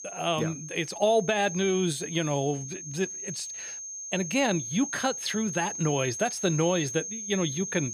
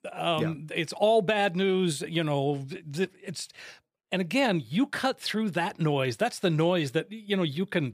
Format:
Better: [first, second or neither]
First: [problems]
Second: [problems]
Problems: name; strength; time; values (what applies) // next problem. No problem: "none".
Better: second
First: high-pitched whine; loud; throughout; 6.5 kHz, 7 dB below the speech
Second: none